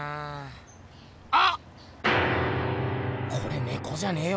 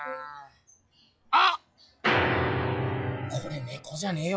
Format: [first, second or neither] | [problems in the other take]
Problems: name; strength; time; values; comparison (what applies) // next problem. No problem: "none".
first | noise reduction (classical method log-MMSE)